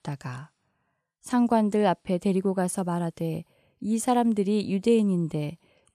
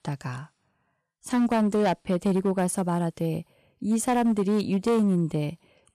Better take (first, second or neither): first